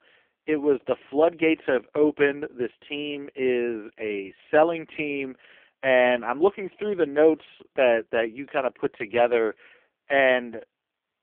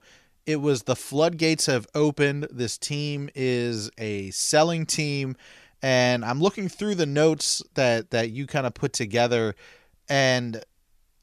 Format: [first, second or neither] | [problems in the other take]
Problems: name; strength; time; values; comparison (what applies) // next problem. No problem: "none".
second | phone-call audio; poor line; nothing above 3 kHz